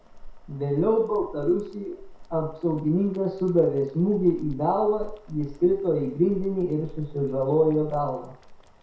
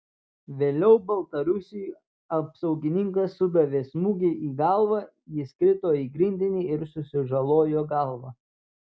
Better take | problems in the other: second | background sound (Boiling); 16 dB below the speech // room echo; dies away in 0.6 s

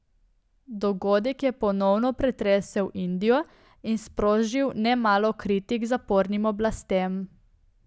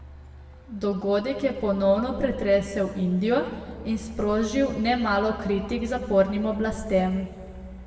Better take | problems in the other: first | background sound (Truck); 17 dB below the speech // room echo; dies away in 1.6 s

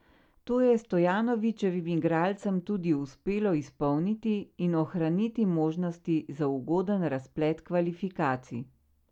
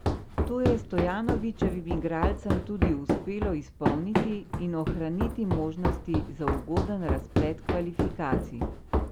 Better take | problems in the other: first | background sound (Run); 2 dB above the speech

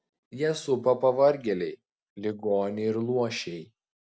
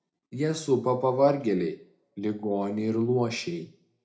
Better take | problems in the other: first | room echo; dies away in 0.4 s

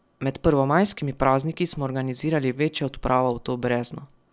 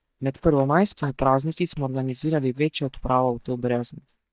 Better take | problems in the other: first | noise reduction (neural mask model DeepFilterNet 3)

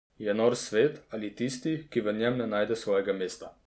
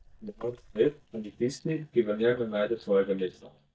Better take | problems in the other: first | noise reduction (neural mask model DeepFilterNet 3)

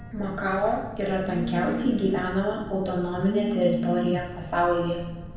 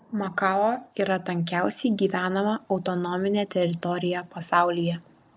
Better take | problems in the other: second | background sound (Telephone); 6 dB below the speech // room echo; dies away in 0.9 s

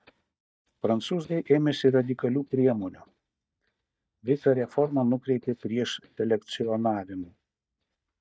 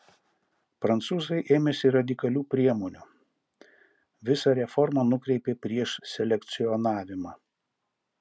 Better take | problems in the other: second | noise reduction (neural mask model DeepFilterNet 3)

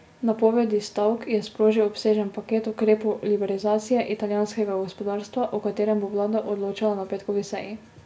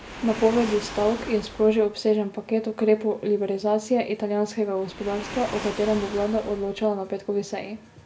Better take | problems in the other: first | background sound (Waves, surf); 15 dB below the speech

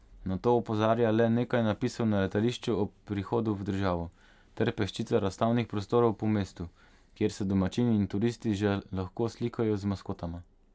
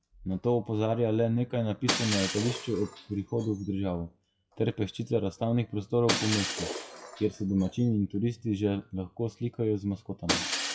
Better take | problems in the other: first | noise reduction (classical method WPE with log-MMSE)

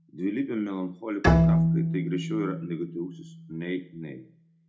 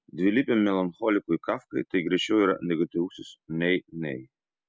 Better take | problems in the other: second | background sound (Bowed string instrument); 5 dB above the speech // room echo; dies away in 0.3 s

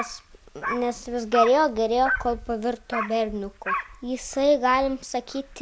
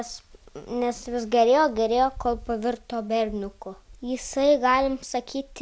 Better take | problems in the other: second | background sound (Dog); 9 dB below the speech

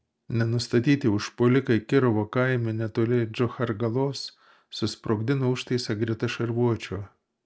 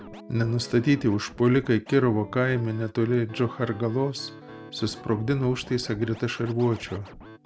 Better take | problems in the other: first | background sound (Scratching (performance technique) + Guitar); 18 dB below the speech

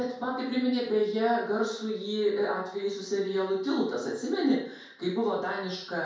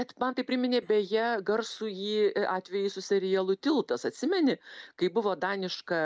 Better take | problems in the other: second | room echo; dies away in 0.5 s

